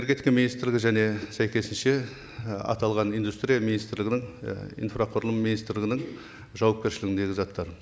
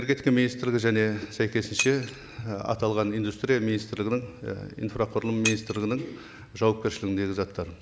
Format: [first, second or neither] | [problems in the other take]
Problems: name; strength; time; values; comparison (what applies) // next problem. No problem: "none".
first | background sound (Shatter); 13 dB below the speech